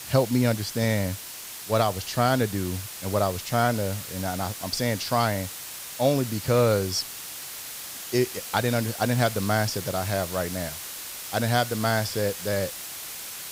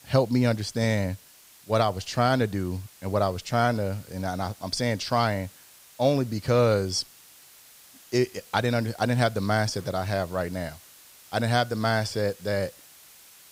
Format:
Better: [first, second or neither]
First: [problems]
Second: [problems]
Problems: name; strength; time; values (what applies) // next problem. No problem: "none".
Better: second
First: hiss; loud; throughout; 9 dB below the speech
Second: hiss; faint; throughout; 25 dB below the speech